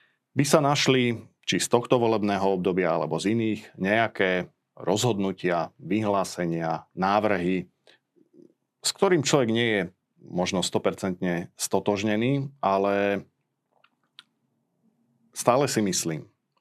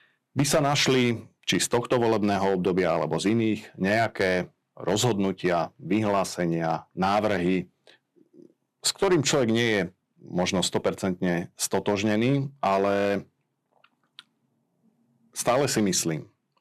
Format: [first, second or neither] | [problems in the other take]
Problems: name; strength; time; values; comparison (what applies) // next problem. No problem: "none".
first | distortion; slight; 3% of the sound clipped